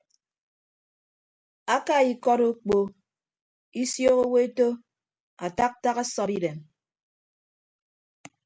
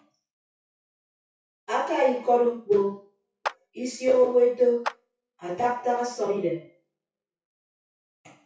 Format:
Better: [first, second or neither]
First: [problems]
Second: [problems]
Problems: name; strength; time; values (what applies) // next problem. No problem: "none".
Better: first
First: none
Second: noise reduction (classical method WPE with log-MMSE)